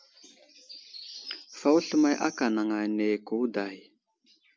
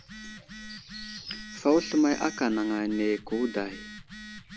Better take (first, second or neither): first